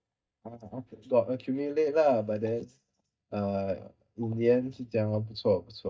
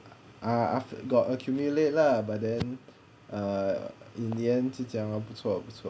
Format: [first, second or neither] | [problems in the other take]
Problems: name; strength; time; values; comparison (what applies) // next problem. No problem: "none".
second | noise reduction (neural mask model DeepFilterNet 3)